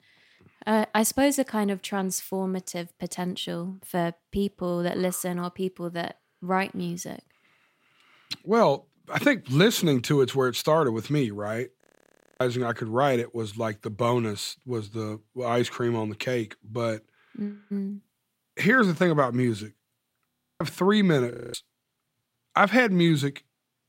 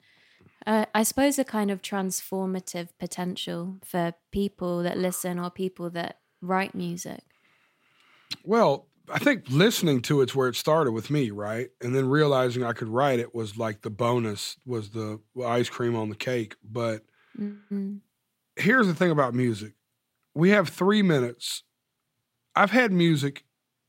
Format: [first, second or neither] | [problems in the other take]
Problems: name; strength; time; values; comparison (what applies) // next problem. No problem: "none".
second | audio freezing; at 12 s for 0.5 s, at 20 s and at 21 s